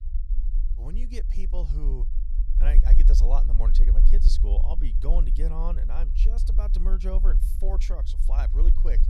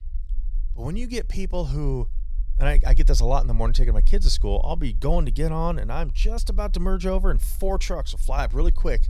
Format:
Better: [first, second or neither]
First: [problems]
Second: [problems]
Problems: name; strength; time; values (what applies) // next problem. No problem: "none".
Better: second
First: low rumble; loud; throughout; 7 dB below the speech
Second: low rumble; faint; throughout; 20 dB below the speech